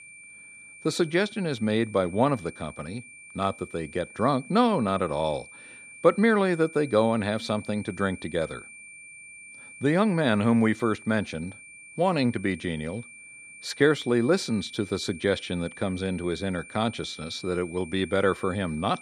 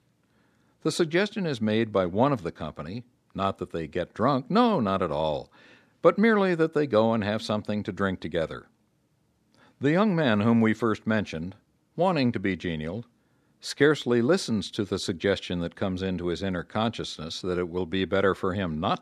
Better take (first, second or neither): second